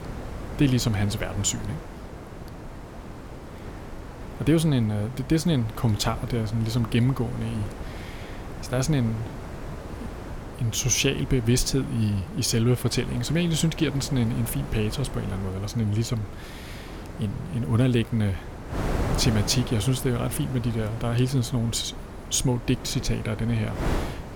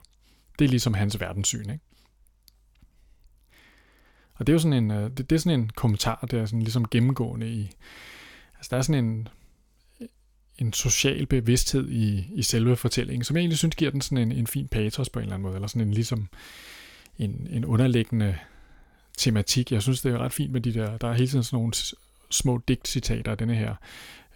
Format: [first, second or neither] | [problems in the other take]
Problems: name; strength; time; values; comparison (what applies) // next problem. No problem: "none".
second | wind noise on the microphone; occasional gusts; 10 dB below the speech